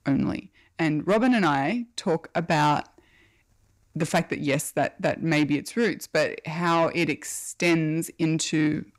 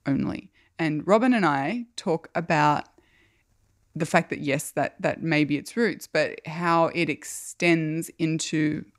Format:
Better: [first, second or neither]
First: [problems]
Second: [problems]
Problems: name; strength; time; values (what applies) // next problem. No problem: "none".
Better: second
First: distortion; slight; 10 dB below the speech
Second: none